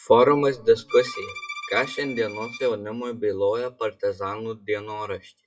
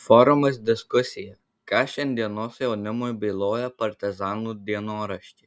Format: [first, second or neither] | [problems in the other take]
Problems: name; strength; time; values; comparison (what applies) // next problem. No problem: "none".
second | noise reduction (classical method WPE with log-MMSE)